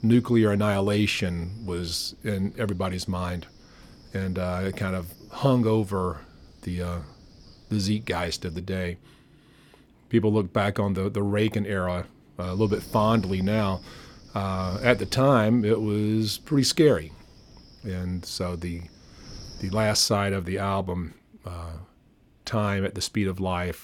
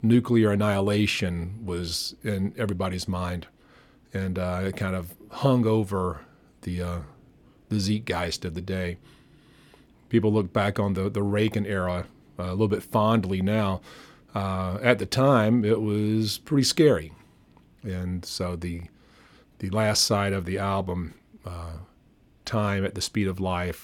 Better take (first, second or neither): second